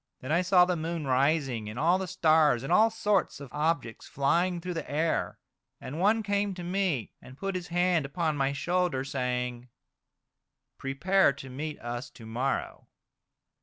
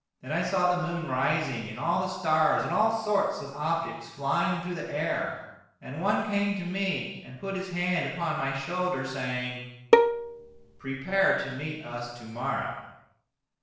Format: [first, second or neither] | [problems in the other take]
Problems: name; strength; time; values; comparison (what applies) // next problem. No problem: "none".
first | background sound (Bowed string instrument); 4 dB above the speech // room echo; dies away in 0.9 s